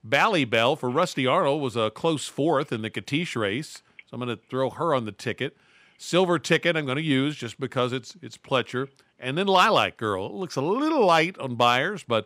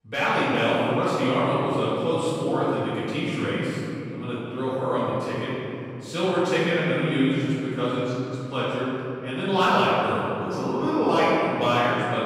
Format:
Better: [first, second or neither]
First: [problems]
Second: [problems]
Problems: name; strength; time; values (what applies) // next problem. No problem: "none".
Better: first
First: none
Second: room echo; strong; dies away in 3 s // off-mic speech; far